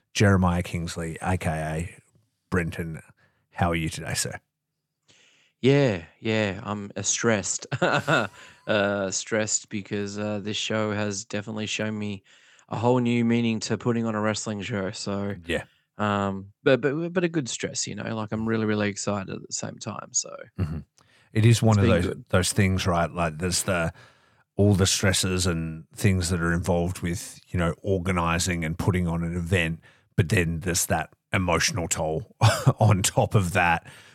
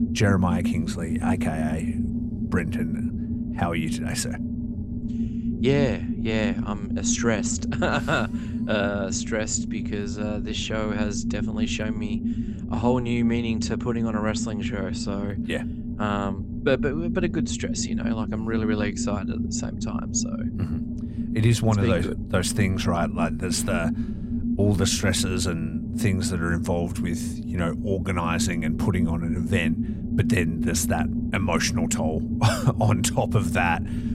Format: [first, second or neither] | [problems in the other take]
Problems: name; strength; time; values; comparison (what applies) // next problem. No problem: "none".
first | low rumble; loud; throughout; 7 dB below the speech